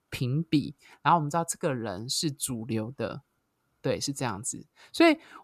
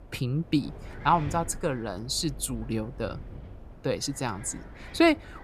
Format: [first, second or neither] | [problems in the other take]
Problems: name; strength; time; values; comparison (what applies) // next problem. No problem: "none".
first | wind noise on the microphone; occasional gusts; 20 dB below the speech